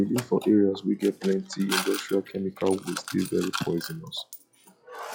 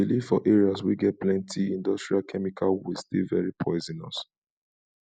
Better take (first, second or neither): second